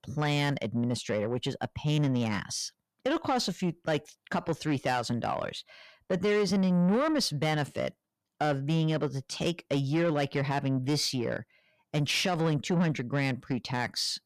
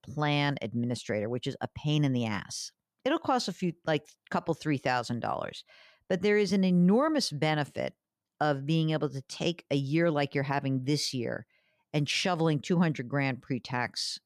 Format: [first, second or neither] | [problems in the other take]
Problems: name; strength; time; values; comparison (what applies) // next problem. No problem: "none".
second | distortion; slight; 10 dB below the speech